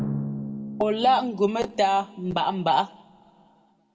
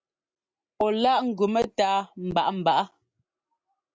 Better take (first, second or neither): second